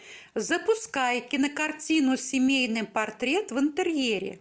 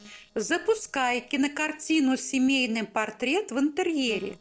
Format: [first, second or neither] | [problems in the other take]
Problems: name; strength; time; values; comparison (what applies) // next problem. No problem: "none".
first | noise reduction (neural separator model SepFormer DNS4)